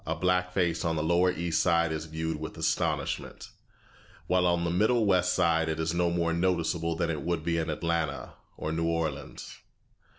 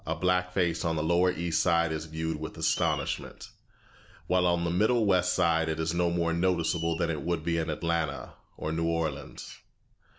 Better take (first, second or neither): first